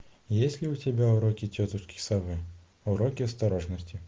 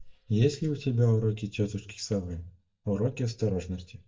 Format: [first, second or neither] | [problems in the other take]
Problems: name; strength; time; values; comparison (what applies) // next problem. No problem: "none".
first | noise reduction (neural mask model DeepFilterNet 3)